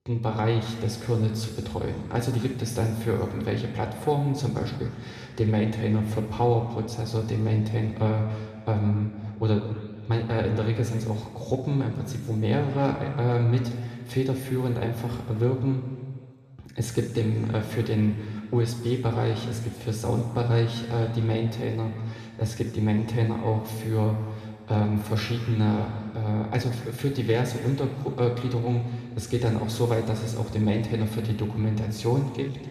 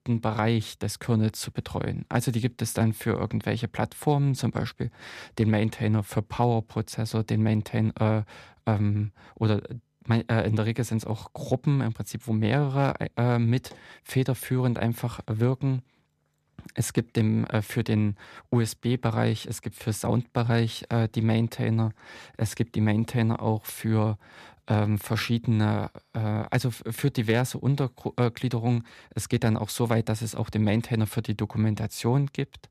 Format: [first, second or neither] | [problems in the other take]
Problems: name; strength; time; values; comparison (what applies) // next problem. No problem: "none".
second | room echo; noticeable; dies away in 2 s // off-mic speech; somewhat distant